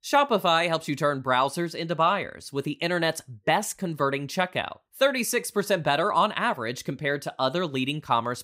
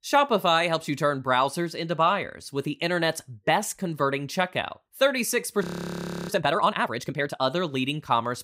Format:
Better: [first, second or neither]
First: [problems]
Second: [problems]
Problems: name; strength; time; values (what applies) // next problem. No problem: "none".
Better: first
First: none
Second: audio freezing; at 5.5 s for 0.5 s